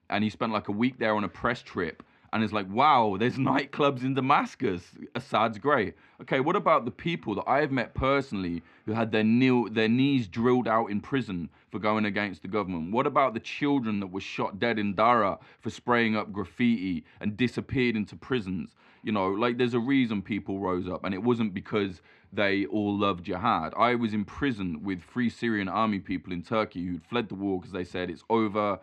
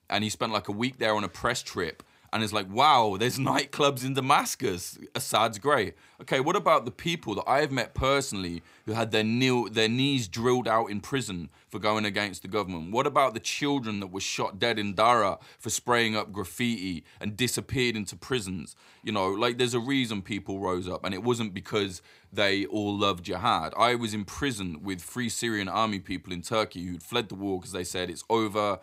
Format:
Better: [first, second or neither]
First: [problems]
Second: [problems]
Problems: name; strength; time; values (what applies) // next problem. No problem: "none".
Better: second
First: muffled; slightly; fading above 2.5 kHz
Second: none